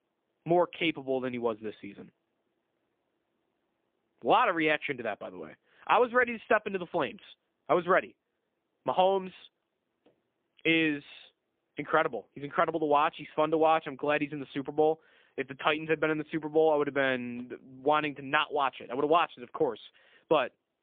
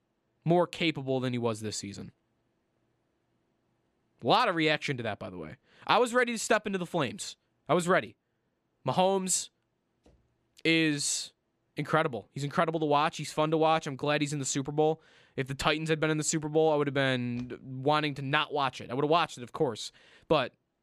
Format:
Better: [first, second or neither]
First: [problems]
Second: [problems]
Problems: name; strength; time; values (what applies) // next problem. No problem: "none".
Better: second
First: phone-call audio; poor line; nothing above 3.5 kHz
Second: none